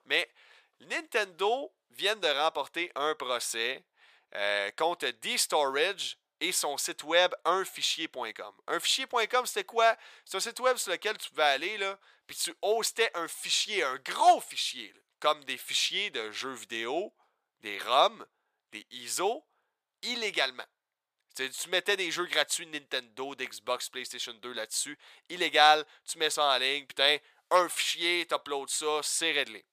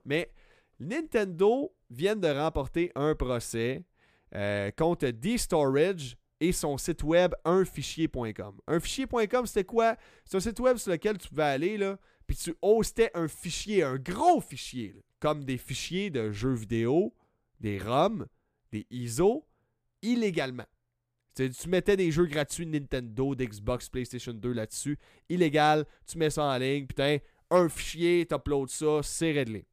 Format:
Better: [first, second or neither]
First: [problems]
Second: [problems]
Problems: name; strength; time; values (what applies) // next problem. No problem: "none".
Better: second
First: thin; very; fading below 850 Hz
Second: none